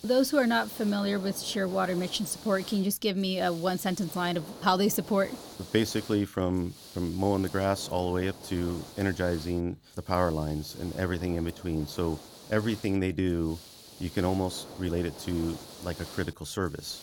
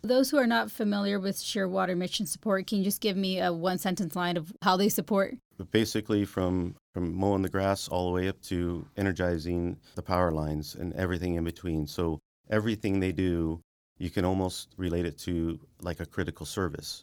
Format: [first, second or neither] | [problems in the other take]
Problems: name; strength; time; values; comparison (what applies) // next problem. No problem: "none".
second | hiss; noticeable; throughout; 15 dB below the speech